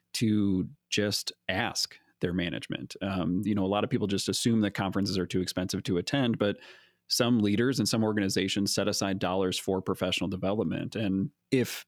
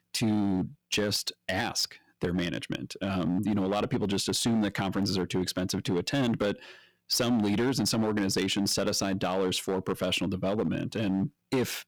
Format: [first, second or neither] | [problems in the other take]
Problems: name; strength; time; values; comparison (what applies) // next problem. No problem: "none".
first | distortion; slight; 9% of the sound clipped